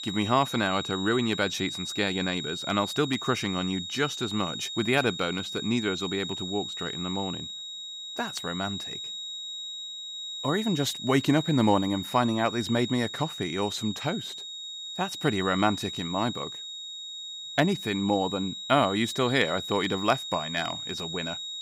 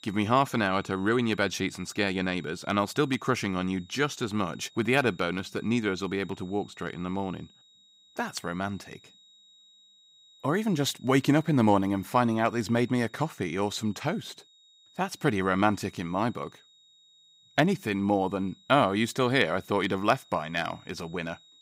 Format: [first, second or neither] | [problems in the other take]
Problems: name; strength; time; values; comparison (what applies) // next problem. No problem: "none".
second | high-pitched whine; loud; throughout; 4 kHz, 6 dB below the speech; faint in the second